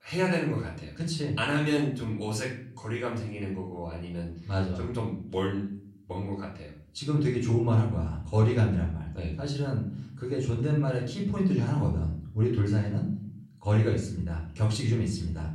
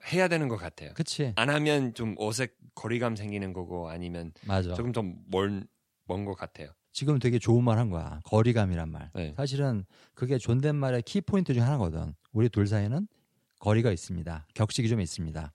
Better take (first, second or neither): second